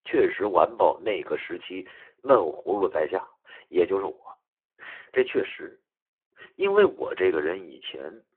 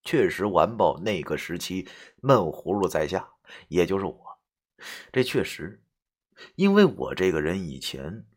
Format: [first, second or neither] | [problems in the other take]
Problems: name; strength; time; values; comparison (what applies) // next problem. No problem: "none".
second | phone-call audio; poor line